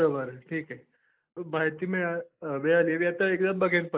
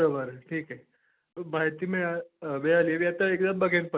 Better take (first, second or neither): second